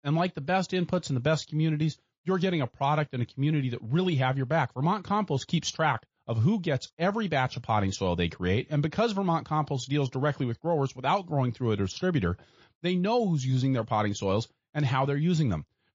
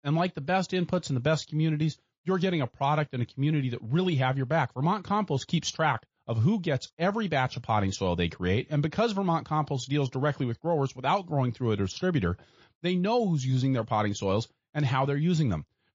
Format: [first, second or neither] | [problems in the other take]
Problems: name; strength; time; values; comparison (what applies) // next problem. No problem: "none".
neither | garbled, watery; slightly; the same in both